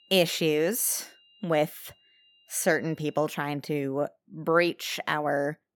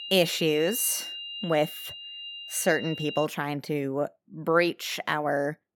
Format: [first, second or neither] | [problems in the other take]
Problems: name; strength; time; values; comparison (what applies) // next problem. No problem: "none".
first | high-pitched whine; loud; until 3.5 s; 3 kHz, 9 dB below the speech; faint in the first